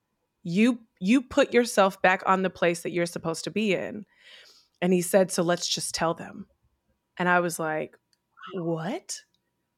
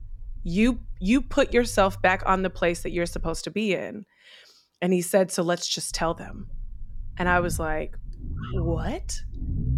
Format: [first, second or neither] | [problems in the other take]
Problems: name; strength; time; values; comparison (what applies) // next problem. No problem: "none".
first | low rumble; faint; until 3.5 s and from 6 s on; 25 dB below the speech